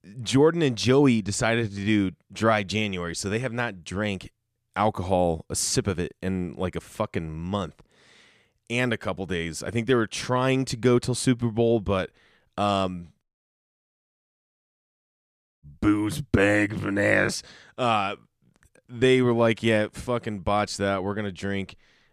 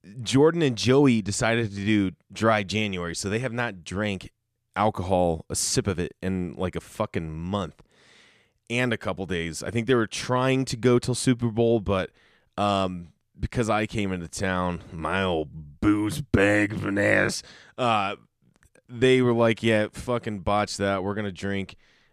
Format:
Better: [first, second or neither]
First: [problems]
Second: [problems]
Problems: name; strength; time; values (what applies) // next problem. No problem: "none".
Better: second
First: audio cutting out; at 13 s for 2.5 s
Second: none